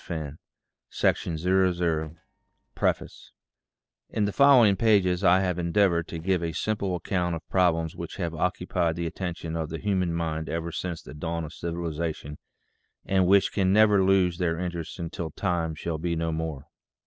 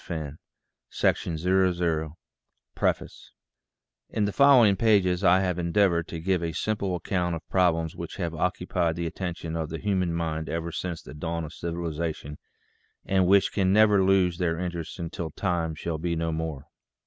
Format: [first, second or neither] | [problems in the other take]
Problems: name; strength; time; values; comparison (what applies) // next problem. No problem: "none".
second | noise reduction (neural separator model SepFormer DNS4)